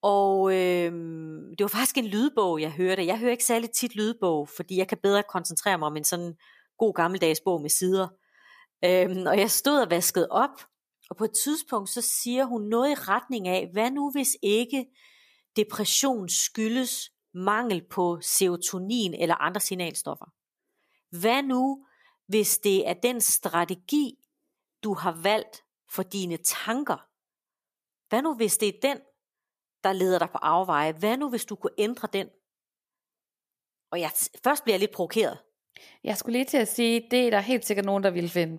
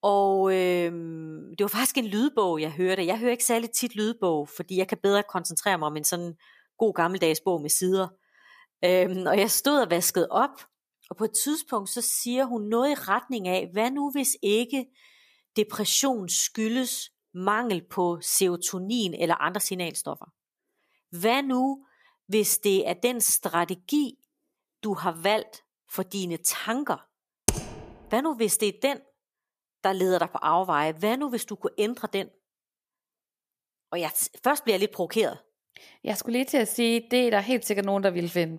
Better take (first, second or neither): first